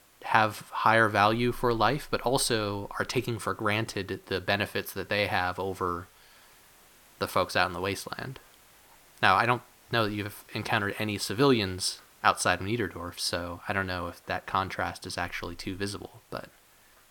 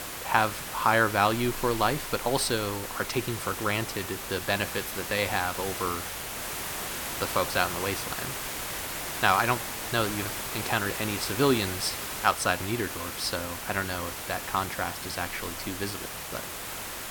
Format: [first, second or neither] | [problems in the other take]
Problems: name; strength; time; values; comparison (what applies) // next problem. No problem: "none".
first | hiss; loud; throughout; 5 dB below the speech; faint in the first